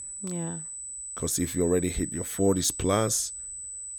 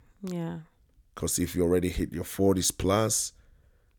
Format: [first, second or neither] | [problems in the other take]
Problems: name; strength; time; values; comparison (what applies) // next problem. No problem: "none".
second | high-pitched whine; loud; throughout; 8 kHz, 7 dB below the speech